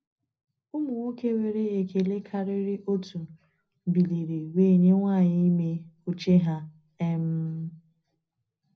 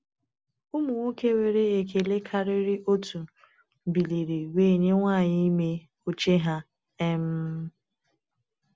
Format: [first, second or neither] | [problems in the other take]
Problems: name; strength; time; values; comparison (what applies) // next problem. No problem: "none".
second | room echo; dies away in 0.4 s